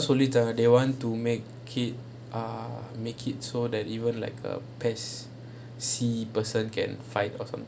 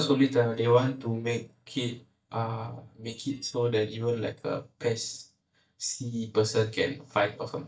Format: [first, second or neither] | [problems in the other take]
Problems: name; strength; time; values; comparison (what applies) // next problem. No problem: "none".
first | noise reduction (neural mask model DeepFilterNet 3)